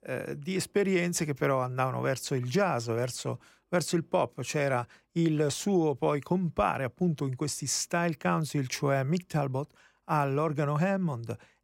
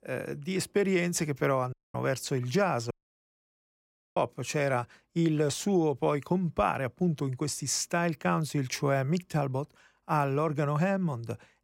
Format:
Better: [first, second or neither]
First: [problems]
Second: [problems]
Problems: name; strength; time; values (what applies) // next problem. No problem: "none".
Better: first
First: none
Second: audio cutting out; at 1.5 s and at 3 s for 1.5 s